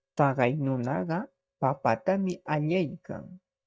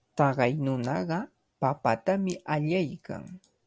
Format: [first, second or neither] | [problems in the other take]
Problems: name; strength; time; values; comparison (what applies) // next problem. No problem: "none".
second | noise reduction (neural mask model DeepFilterNet 3)